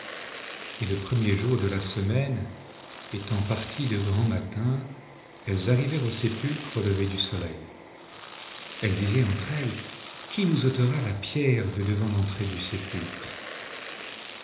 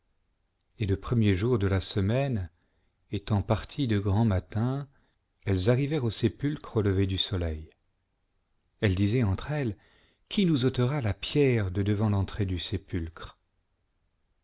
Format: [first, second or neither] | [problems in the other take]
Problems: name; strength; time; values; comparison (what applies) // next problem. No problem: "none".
second | background sound (Domestic sounds, home sounds); 14 dB below the speech // room echo; dies away in 1 s